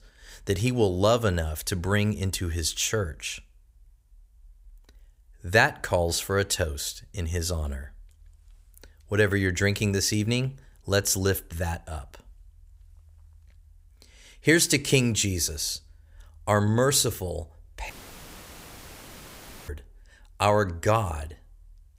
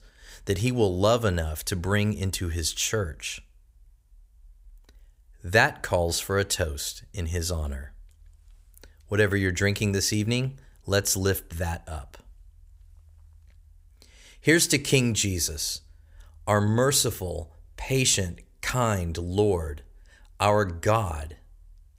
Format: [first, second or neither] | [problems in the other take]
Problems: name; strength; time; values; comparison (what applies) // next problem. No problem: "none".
second | audio cutting out; filled with static; at 18 s for 2 s